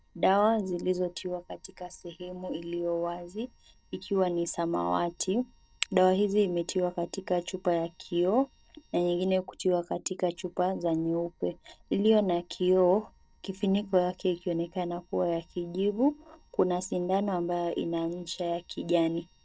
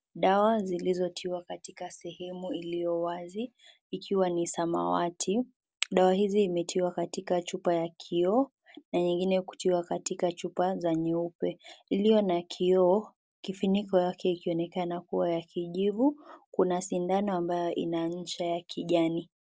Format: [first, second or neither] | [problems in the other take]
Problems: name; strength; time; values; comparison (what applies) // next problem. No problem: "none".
second | noise reduction (neural separator model SepFormer DNS4)